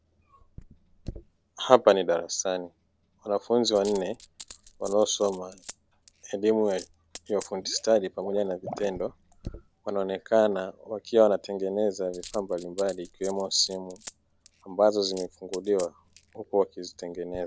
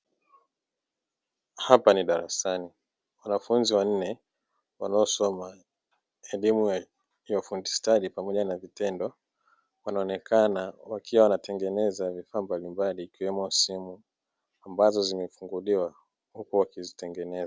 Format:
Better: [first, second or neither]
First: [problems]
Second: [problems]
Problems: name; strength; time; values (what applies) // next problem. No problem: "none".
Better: second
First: background sound (Water / Liquid + Coin (dropping)); 20 dB below the speech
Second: none